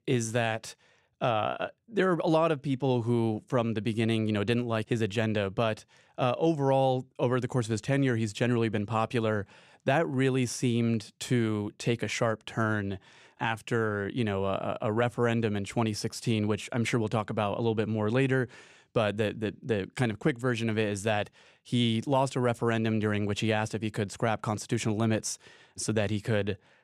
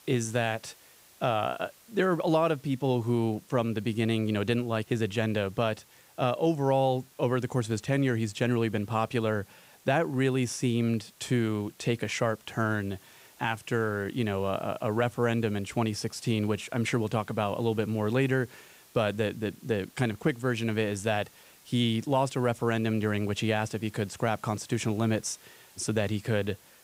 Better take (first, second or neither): first